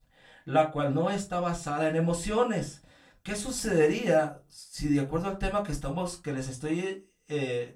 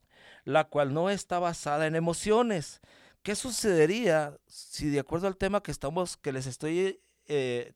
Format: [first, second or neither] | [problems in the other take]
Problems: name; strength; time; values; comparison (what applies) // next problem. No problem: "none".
second | off-mic speech; far // room echo; very slight; dies away in 0.2 s